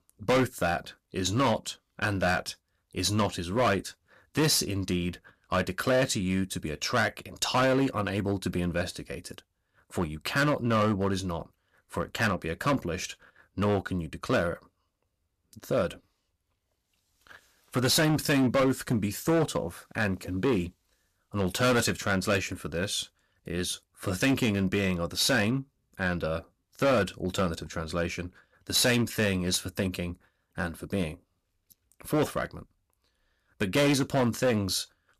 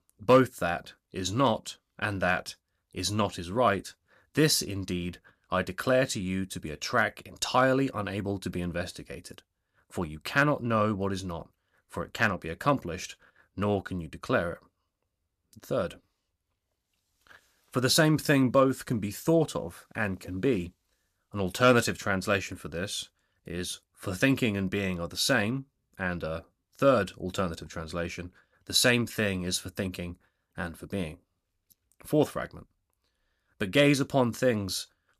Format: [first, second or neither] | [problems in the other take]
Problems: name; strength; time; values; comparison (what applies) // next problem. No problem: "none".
second | distortion; heavy; 6% of the sound clipped